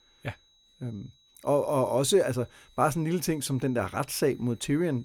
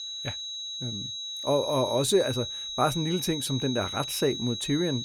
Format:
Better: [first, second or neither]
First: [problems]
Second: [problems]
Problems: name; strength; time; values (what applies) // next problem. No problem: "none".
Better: first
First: high-pitched whine; faint; throughout; 4 kHz, 35 dB below the speech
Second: high-pitched whine; loud; throughout; 4 kHz, 5 dB below the speech